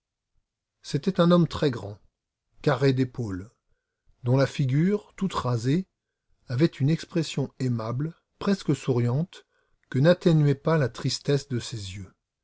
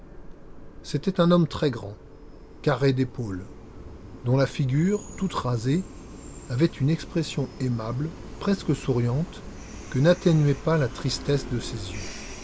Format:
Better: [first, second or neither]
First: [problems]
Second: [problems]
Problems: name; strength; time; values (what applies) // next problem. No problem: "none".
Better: first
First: none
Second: background sound (Train); 14 dB below the speech